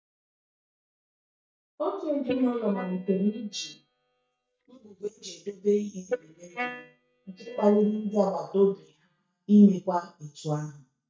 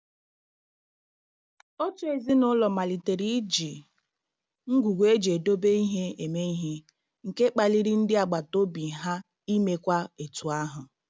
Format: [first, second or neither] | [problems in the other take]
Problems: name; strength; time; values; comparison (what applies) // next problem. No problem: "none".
second | noise reduction (neural mask model DeepFilterNet 3)